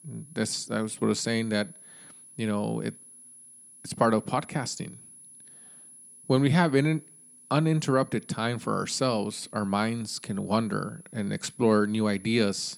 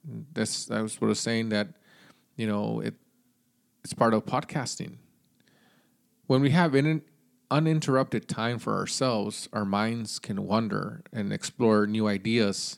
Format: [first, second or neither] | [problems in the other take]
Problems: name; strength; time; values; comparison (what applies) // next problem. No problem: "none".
second | high-pitched whine; faint; throughout; 10.5 kHz, 20 dB below the speech